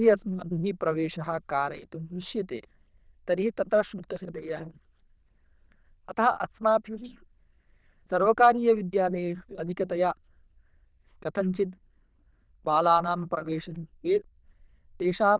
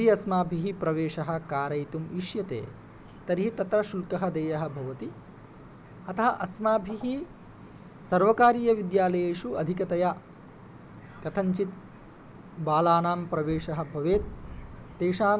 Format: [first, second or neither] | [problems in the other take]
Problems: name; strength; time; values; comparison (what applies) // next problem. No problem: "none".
second | noise reduction (neural diffusion model UNIVERSE++)